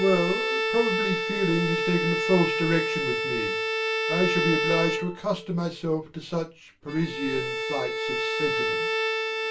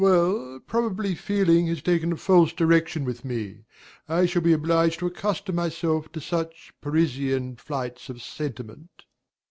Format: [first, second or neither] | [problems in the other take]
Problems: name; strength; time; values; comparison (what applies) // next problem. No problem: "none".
second | background sound (Bowed string instrument); as loud as the speech // room echo; dies away in 0.2 s